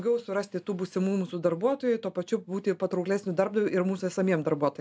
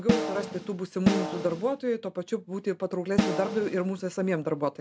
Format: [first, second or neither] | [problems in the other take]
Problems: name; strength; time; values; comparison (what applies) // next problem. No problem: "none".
first | background sound (Snare drum); as loud as the speech